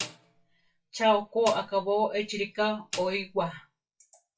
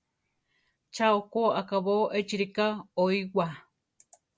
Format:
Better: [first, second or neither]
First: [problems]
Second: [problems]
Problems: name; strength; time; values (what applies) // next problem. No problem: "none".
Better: second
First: noise reduction (classical method WPE with log-MMSE)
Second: none